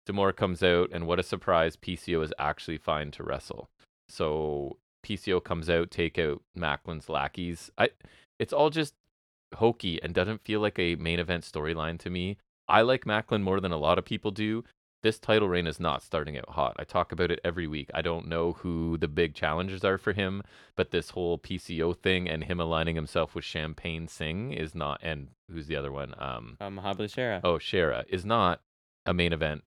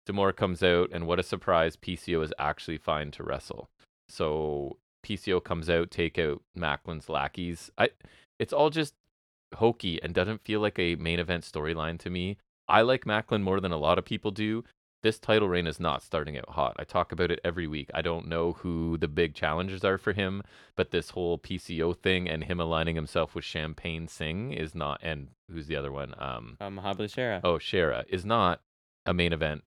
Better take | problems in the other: neither | none

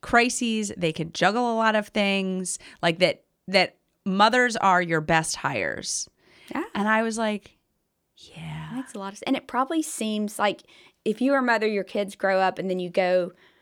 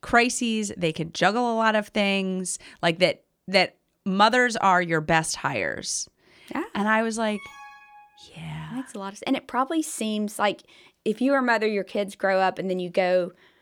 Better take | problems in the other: first | alarm; faint; at 7.5 s; peak 20 dB below the speech

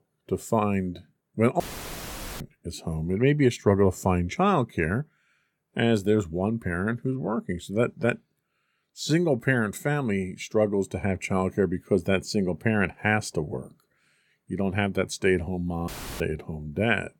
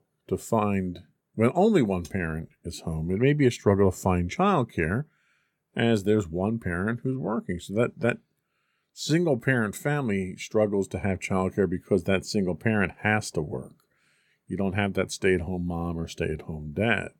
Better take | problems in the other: second | audio cutting out; filled with static; at 1.5 s for 1 s and at 16 s

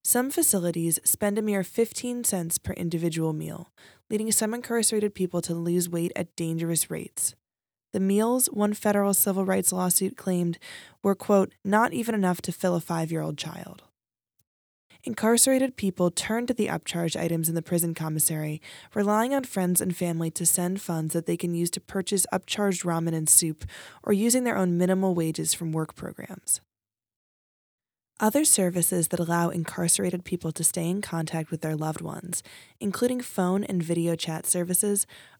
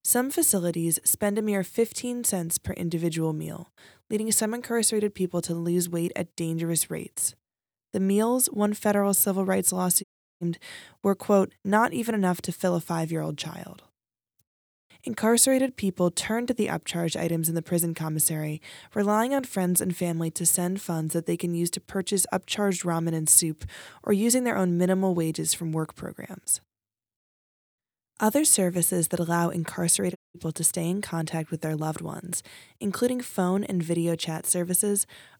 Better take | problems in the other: first | audio cutting out; at 10 s and at 30 s

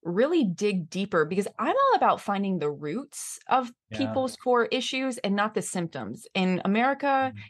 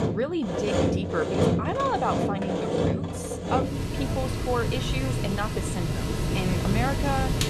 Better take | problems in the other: first | machinery noise; very loud; throughout; 3 dB above the speech

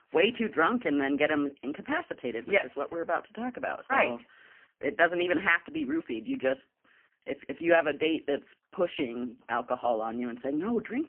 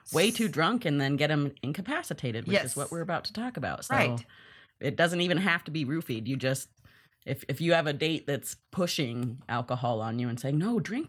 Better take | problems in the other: second | phone-call audio; poor line; nothing above 3 kHz

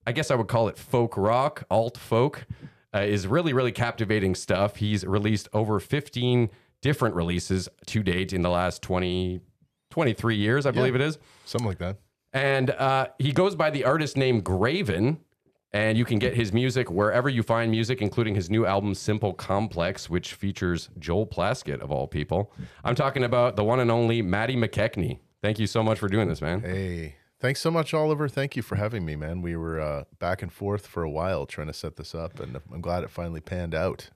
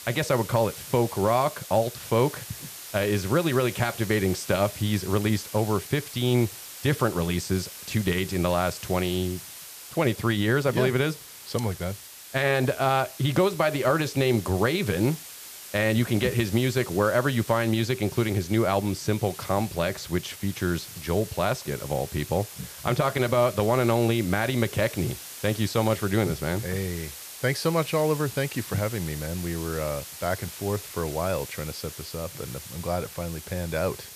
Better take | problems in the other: first | hiss; noticeable; throughout; 15 dB below the speech

